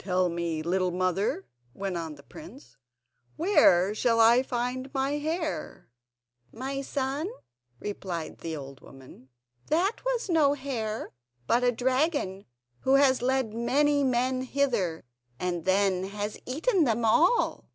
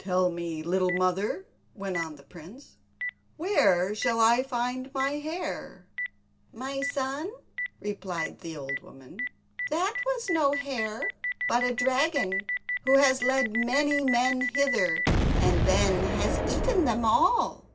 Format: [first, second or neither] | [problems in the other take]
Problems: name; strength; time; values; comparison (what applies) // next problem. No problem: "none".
first | background sound (Boom); 4 dB below the speech // room echo; dies away in 0.2 s